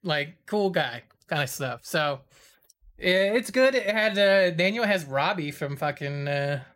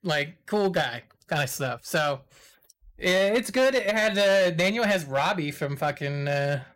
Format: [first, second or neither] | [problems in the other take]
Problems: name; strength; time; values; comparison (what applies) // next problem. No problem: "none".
first | distortion; slight; 6% of the sound clipped